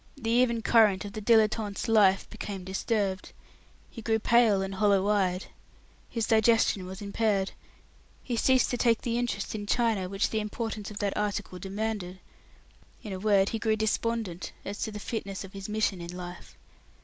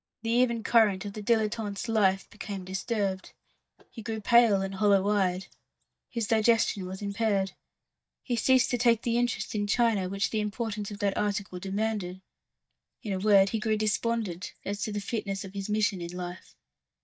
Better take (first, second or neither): first